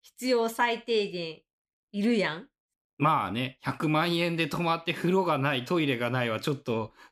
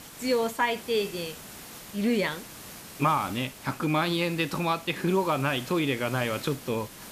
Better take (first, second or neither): first